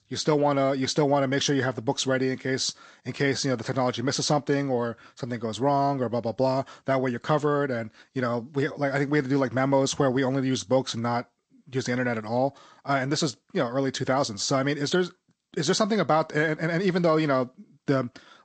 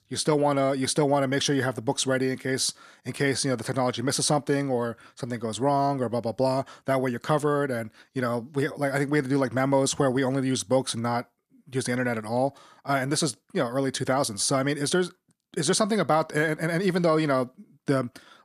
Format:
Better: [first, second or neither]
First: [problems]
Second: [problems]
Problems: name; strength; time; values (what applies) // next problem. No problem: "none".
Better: second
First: garbled, watery; slightly; nothing above 8 kHz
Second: none